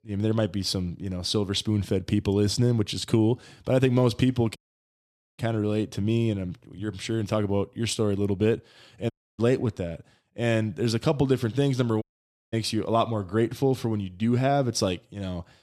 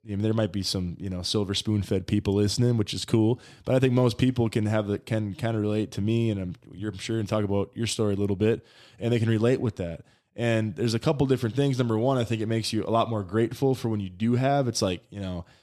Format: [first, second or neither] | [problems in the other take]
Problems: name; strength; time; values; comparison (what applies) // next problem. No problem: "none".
second | audio cutting out; at 4.5 s for 1 s, at 9 s and at 12 s for 0.5 s